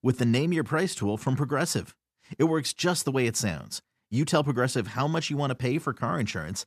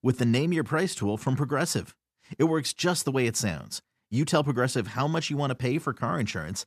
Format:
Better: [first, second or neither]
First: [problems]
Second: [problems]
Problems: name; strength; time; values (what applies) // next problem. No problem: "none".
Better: neither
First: none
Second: none